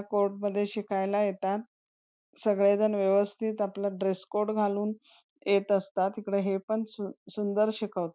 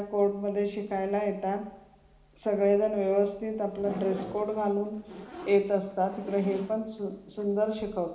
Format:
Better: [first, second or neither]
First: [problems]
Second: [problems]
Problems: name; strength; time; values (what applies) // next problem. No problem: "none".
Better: first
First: none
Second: background sound (Zipper (clothing)); 17 dB below the speech // room echo; dies away in 1 s